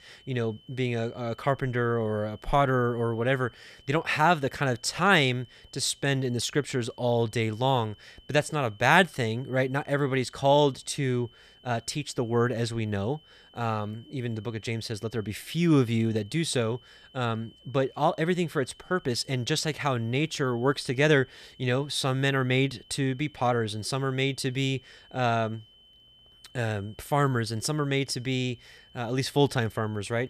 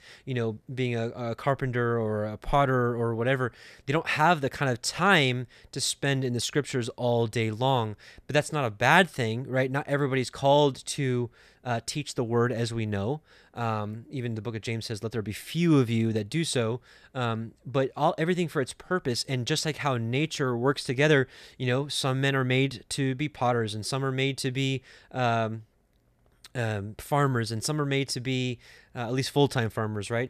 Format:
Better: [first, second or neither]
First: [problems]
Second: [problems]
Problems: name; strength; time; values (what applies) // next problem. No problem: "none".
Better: second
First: high-pitched whine; faint; throughout; 3 kHz, 25 dB below the speech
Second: none